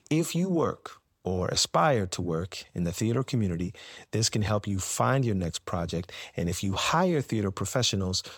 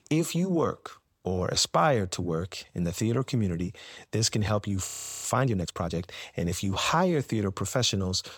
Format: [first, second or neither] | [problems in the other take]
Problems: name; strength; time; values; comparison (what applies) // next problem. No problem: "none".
first | audio freezing; at 5 s